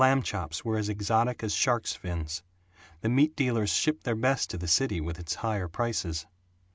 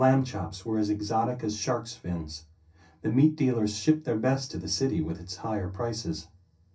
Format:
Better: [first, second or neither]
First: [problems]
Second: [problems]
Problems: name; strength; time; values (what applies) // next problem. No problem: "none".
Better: first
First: none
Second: room echo; dies away in 0.3 s